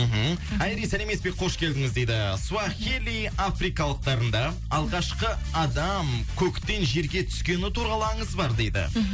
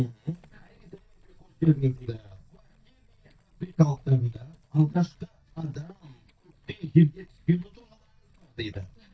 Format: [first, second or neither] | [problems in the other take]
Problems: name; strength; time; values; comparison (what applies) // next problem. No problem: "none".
first | noise reduction (neural mask model DeepFilterNet 3)